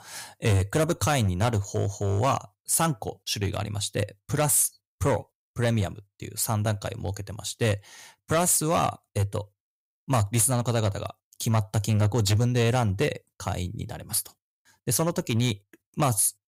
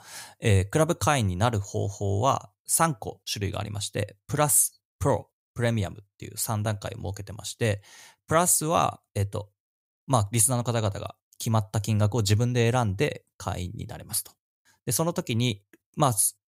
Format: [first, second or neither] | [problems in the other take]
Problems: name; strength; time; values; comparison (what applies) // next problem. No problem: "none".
second | distortion; slight; 6% of the sound clipped